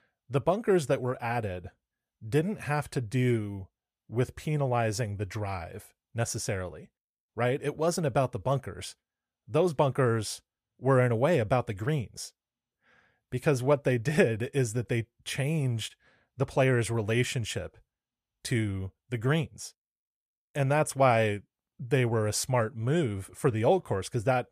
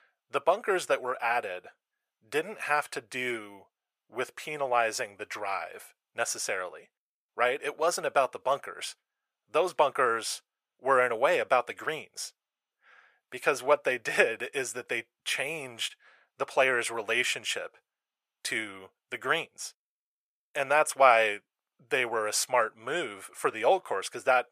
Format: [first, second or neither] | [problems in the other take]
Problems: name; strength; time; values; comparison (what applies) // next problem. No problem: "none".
first | thin; very; fading below 650 Hz